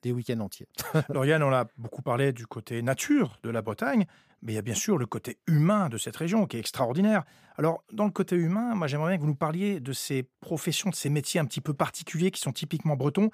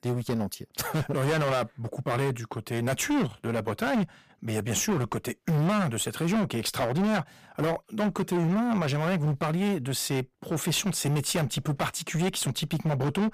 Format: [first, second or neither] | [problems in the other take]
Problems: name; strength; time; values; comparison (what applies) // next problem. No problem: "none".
first | distortion; heavy; 22% of the sound clipped